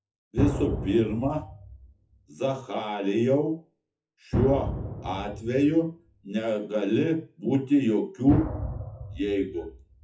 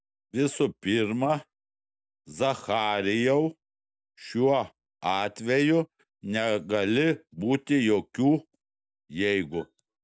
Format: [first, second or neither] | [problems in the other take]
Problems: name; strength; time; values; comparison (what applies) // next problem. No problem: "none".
second | noise reduction (classical method WPE with log-MMSE)